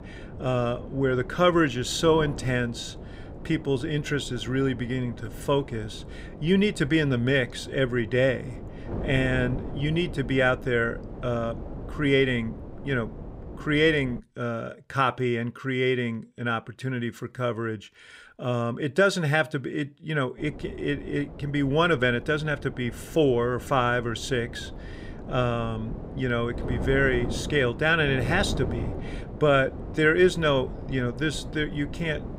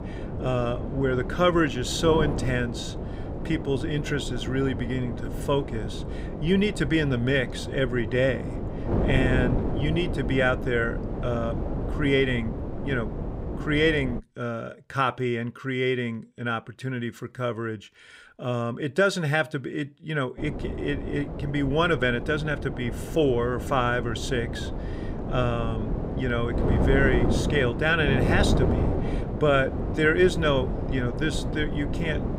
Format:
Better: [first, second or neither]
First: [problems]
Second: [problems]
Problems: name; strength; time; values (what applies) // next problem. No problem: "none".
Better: first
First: wind noise on the microphone; occasional gusts; until 14 s and from 20 s on; 15 dB below the speech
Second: wind noise on the microphone; heavy; until 14 s and from 20 s on; 8 dB below the speech